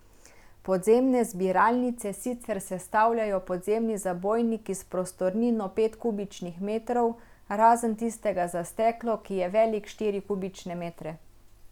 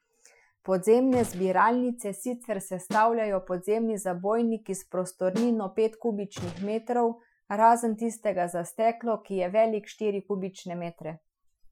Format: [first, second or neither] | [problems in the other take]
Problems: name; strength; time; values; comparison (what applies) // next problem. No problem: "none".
first | noise reduction (classical method Wiener filter)